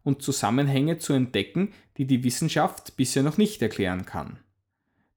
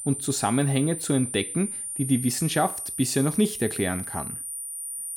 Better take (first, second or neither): first